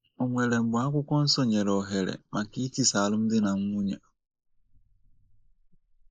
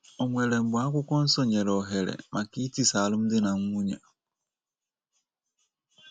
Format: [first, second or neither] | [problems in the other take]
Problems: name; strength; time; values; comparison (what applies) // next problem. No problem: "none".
second | noise reduction (neural mask model Resemble Enhance denoiser)